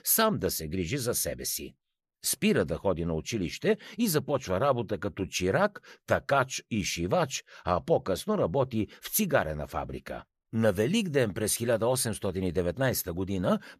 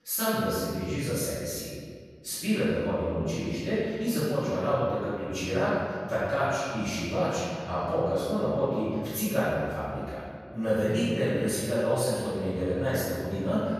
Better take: first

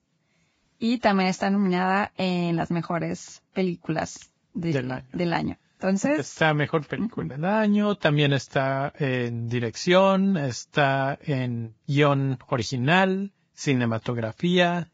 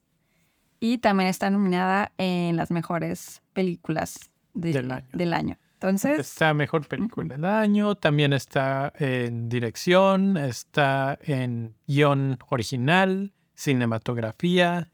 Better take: second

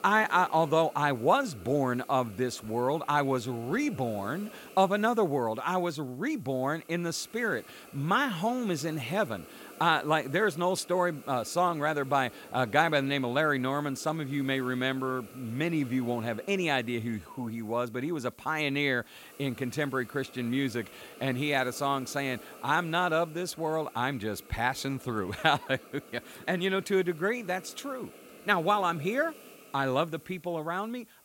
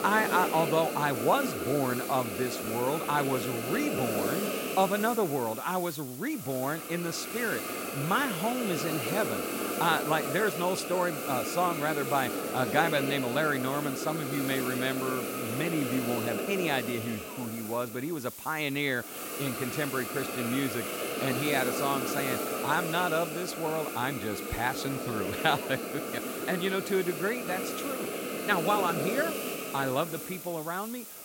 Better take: first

